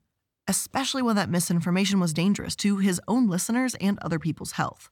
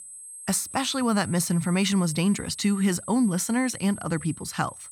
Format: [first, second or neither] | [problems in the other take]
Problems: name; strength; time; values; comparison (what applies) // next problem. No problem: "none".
first | high-pitched whine; noticeable; throughout; 8.5 kHz, 15 dB below the speech